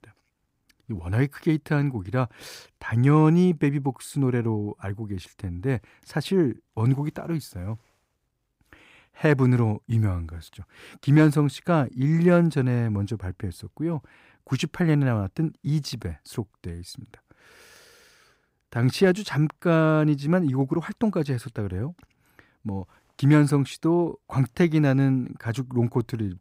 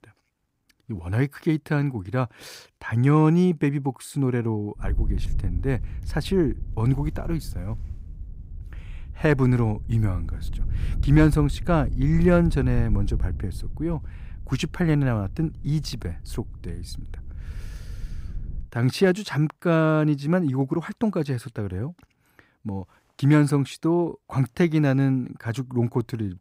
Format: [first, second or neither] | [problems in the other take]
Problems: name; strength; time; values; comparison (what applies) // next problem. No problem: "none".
first | wind noise on the microphone; occasional gusts; from 5 to 19 s; 20 dB below the speech